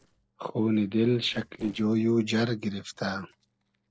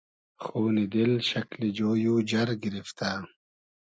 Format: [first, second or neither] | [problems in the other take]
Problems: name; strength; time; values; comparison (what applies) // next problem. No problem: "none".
second | noise reduction (neural separator model SepFormer DNS4)